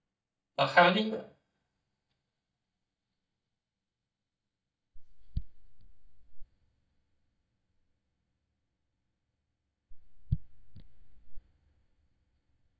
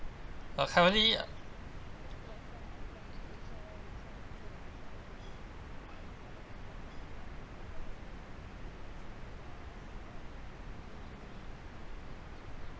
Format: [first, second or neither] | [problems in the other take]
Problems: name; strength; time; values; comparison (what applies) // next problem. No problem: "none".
second | noise reduction (neural mask model DeepFilterNet 3)